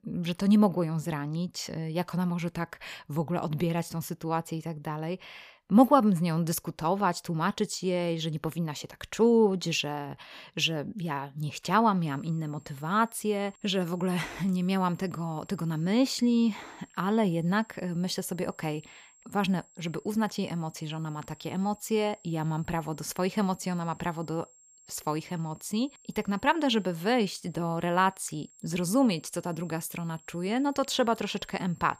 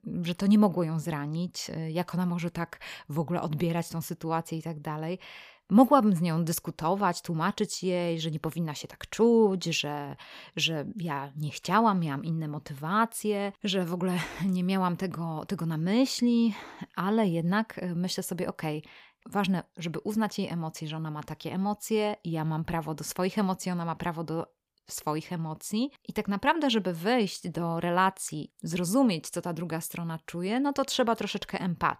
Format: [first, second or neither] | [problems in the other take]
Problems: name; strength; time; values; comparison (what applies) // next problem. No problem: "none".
second | high-pitched whine; faint; from 12 s on; 7.5 kHz, 25 dB below the speech